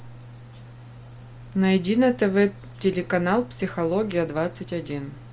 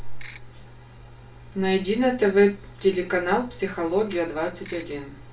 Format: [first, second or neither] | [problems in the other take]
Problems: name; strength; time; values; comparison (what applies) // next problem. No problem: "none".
first | background sound (Ratchet, pawl / Percussion); 20 dB below the speech // room echo; dies away in 0.3 s